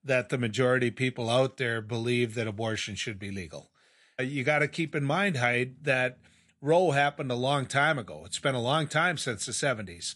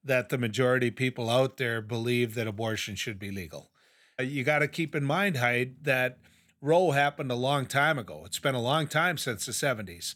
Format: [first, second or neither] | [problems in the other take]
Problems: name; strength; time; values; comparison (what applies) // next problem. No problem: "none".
second | garbled, watery; slightly; nothing above 11 kHz